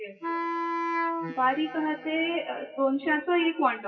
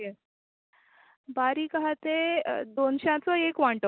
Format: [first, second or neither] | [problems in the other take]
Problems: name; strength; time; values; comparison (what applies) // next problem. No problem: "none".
second | noise reduction (classical method WPE with log-MMSE)